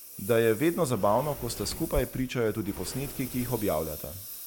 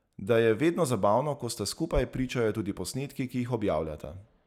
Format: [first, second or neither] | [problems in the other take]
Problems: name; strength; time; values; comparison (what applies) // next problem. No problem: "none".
second | background sound (Engine + Sliding door); 13 dB below the speech